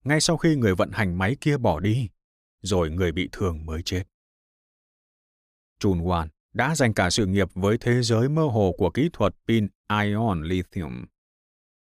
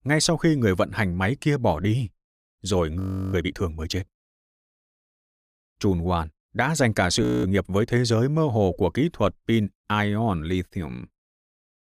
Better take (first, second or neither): first